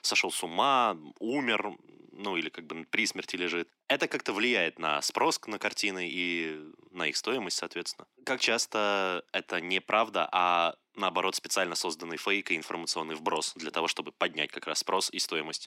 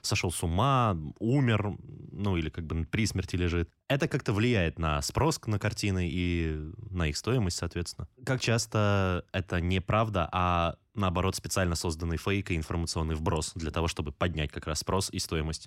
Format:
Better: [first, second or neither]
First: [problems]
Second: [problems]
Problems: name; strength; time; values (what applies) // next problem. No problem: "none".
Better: second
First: thin; somewhat; fading below 250 Hz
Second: none